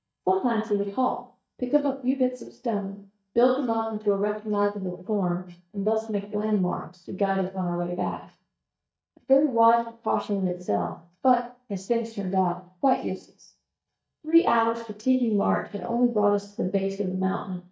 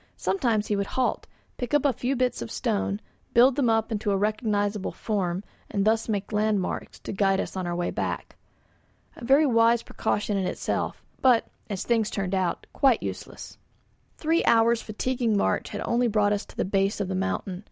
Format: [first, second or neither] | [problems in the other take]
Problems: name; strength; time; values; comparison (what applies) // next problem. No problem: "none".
second | noise reduction (neural mask model DeepFilterNet 3)